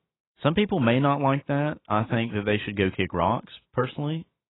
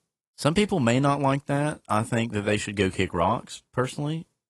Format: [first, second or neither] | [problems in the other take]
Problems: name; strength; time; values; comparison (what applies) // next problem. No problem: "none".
second | garbled, watery; badly; nothing above 3.5 kHz; slightly in the second